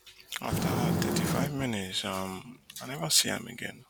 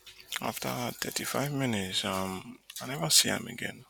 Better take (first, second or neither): second